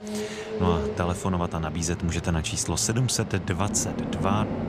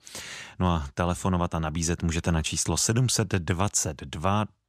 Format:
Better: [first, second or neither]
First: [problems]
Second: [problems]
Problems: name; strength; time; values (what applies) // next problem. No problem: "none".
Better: second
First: traffic noise; loud; throughout; 6 dB below the speech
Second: none